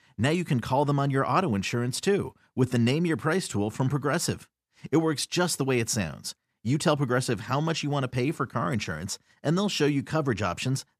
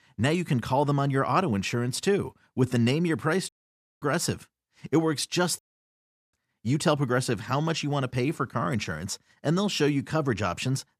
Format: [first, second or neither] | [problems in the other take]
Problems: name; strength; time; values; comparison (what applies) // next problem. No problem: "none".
first | audio cutting out; at 3.5 s for 0.5 s and at 5.5 s for 0.5 s